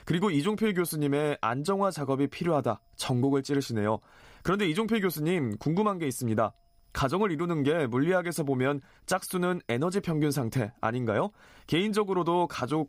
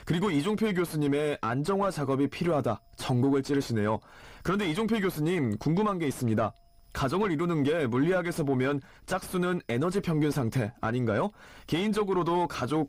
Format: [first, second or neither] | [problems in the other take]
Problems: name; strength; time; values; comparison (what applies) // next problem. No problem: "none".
first | distortion; slight; 9 dB below the speech